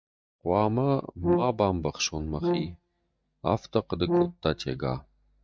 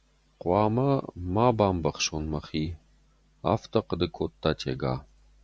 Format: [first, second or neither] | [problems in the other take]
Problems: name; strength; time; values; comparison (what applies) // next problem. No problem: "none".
second | noise reduction (neural mask model DeepFilterNet 3)